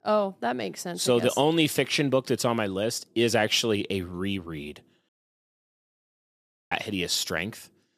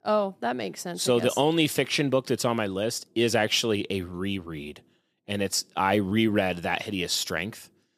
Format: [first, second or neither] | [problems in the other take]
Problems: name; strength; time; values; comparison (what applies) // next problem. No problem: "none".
second | audio cutting out; at 5 s for 1.5 s